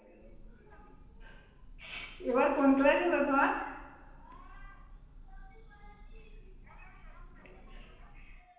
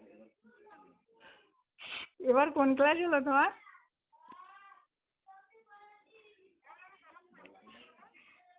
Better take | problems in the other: second | background sound (Bird / Breathing); 17 dB below the speech // room echo; dies away in 0.9 s

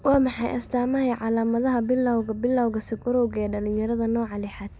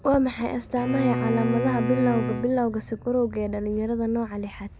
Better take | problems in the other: first | background sound (Bowed string instrument); 5 dB below the speech

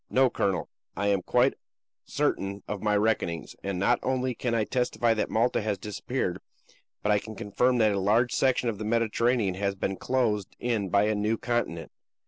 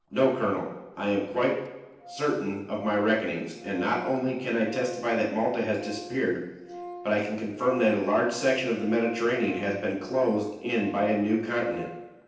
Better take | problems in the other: first | background sound (Organ); 16 dB below the speech // room echo; dies away in 0.9 s

